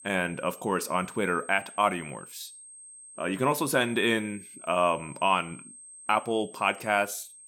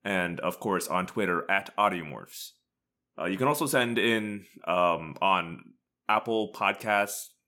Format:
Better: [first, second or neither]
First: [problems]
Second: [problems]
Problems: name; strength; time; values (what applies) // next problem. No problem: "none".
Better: second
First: high-pitched whine; noticeable; throughout; 8.5 kHz, 20 dB below the speech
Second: none